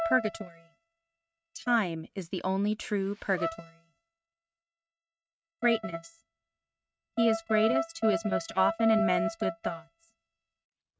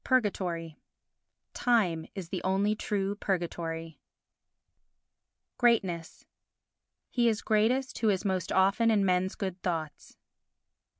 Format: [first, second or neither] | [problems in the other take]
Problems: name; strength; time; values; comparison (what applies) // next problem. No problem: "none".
second | noise reduction (neural mask model RNNoise)